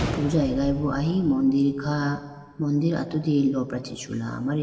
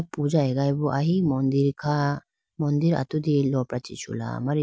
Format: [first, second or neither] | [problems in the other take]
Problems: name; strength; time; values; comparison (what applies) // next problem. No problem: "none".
second | background sound (Gunshot, gunfire); 13 dB below the speech // room echo; dies away in 2.7 s